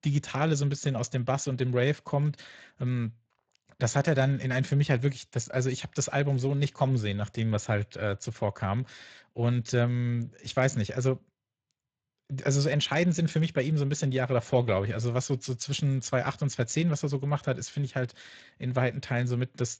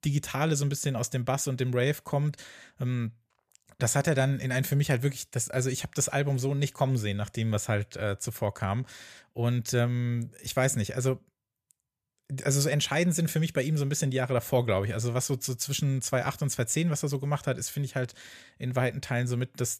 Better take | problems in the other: second | garbled, watery; slightly; nothing above 7.5 kHz

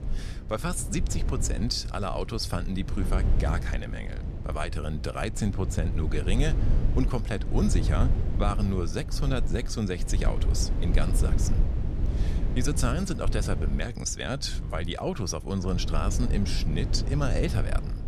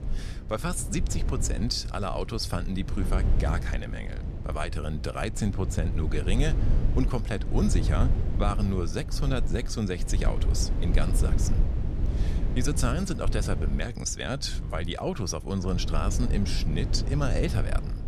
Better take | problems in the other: neither | low rumble; loud; throughout; 10 dB below the speech; the same in both

